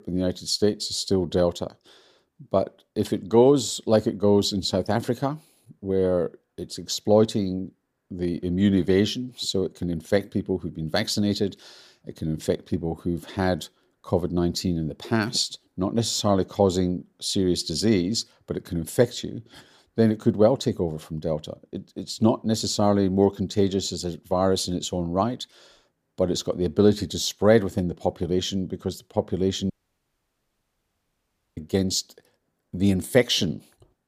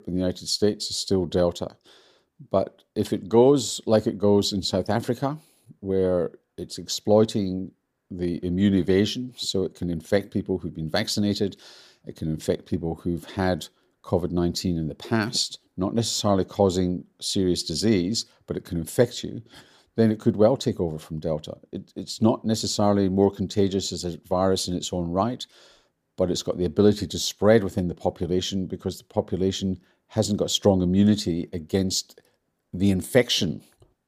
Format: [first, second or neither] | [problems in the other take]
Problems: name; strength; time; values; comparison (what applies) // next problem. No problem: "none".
second | audio cutting out; at 30 s for 2 s